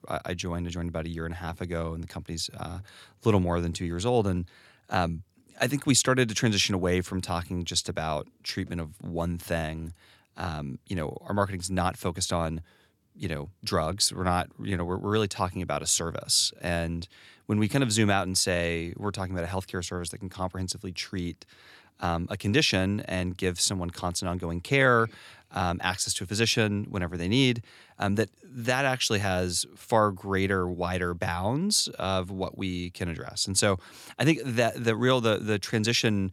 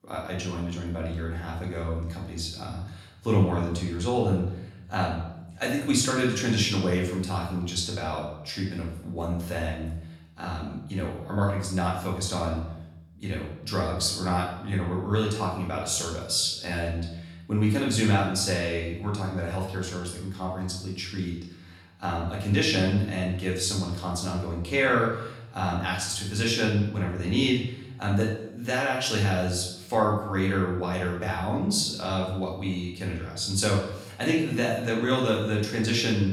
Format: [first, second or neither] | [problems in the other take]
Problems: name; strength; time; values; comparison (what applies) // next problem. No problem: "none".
first | off-mic speech; far // room echo; noticeable; dies away in 0.7 s